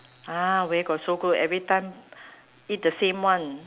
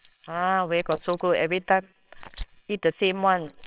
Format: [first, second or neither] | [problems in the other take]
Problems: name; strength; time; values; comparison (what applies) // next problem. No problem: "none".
first | noise reduction (neural separator model SepFormer WHAMR!)